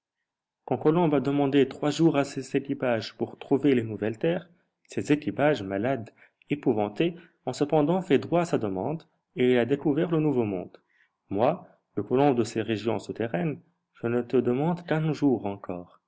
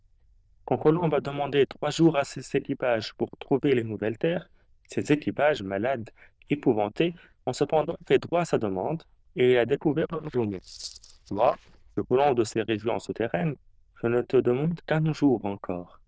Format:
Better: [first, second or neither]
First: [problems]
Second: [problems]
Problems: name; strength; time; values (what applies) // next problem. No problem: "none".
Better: first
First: none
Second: noise reduction (neural diffusion model UNIVERSE++)